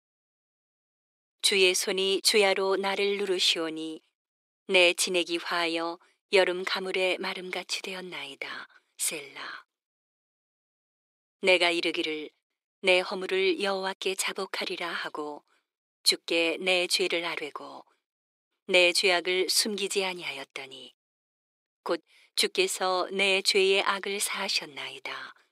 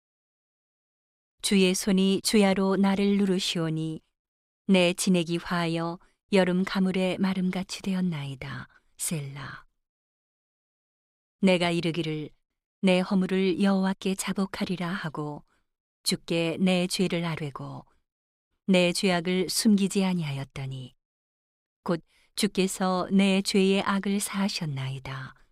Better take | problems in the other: second | thin; very; fading below 350 Hz

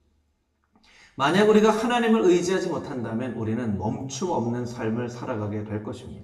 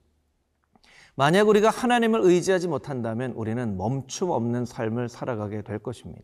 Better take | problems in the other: second | room echo; slight; dies away in 0.7 s // off-mic speech; far

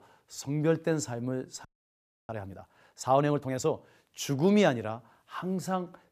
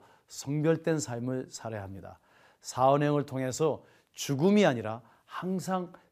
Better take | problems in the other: second | audio freezing; at 1.5 s for 0.5 s

